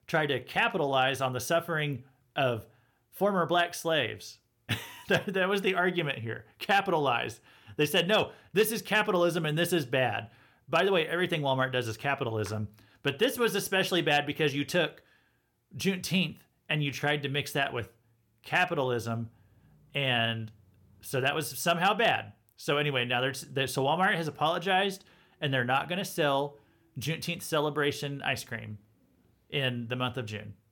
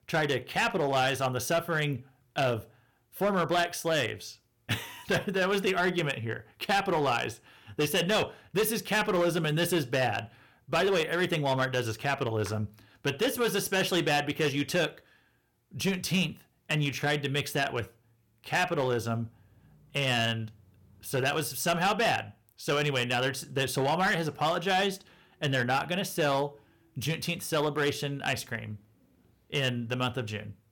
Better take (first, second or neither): first